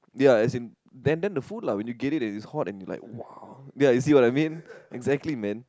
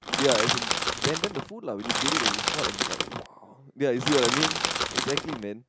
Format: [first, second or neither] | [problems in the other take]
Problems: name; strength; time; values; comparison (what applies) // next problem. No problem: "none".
first | background sound (Crushing); 3 dB above the speech